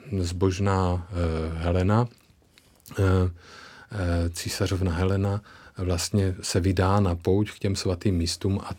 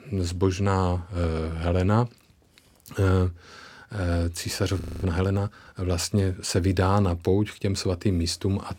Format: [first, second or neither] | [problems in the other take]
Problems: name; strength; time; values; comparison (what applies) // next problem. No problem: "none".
first | audio freezing; at 5 s